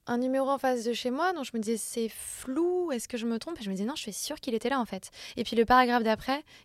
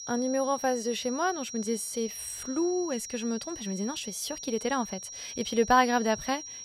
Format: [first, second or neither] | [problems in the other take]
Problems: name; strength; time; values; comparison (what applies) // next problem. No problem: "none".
first | high-pitched whine; loud; throughout; 5.5 kHz, 9 dB below the speech